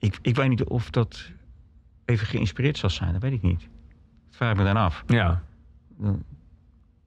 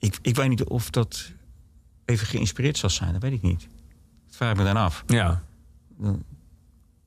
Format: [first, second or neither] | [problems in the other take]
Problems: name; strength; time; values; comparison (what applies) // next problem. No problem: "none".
second | muffled; slightly; fading above 2.5 kHz